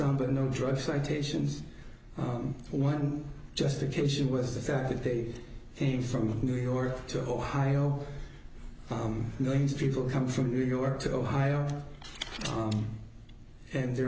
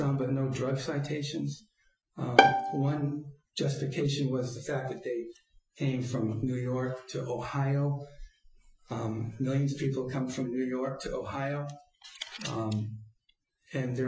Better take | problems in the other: first | noise reduction (classical method Wiener filter)

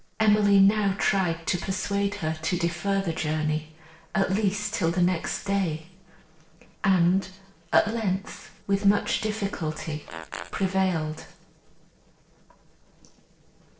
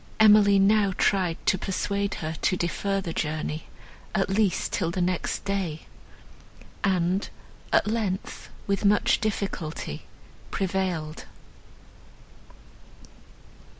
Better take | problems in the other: second | noise reduction (neural separator model SepFormer DNS4)

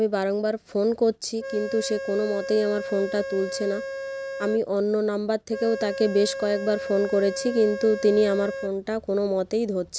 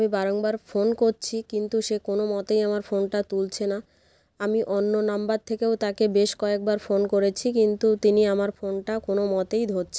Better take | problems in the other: second | background sound (Organ); 8 dB below the speech

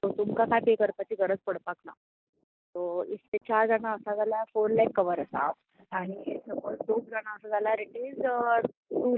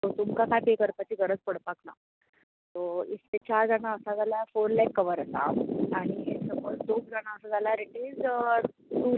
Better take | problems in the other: second | noise reduction (neural mask model Resemble Enhance denoiser)

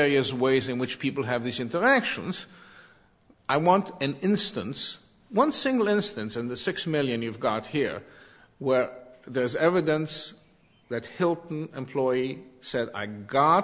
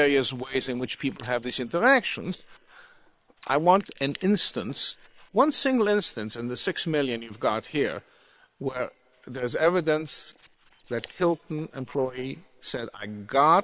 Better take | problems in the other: first | noise reduction (neural separator model SepFormer WHAM!)

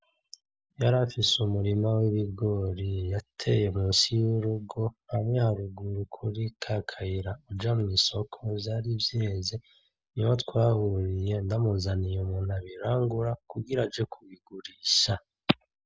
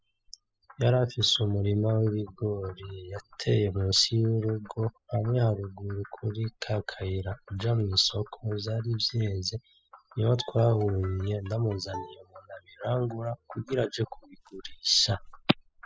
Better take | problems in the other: first | noise reduction (classical method spectral subtraction)

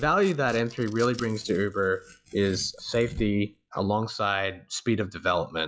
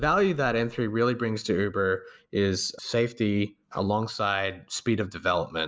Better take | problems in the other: second | noise reduction (classical method log-MMSE)

